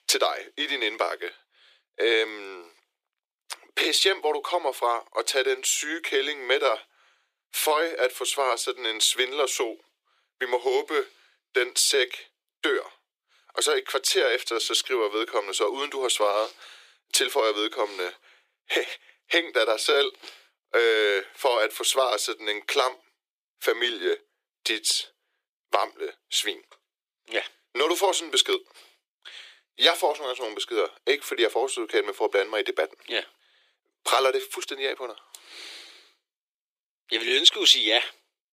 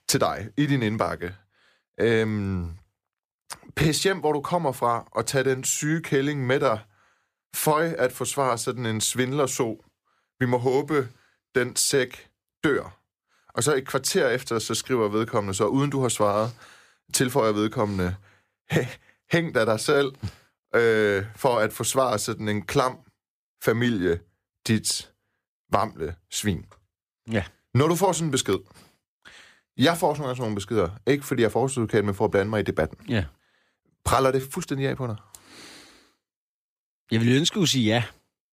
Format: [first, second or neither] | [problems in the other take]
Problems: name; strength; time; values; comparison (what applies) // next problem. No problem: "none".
second | thin; very; fading below 350 Hz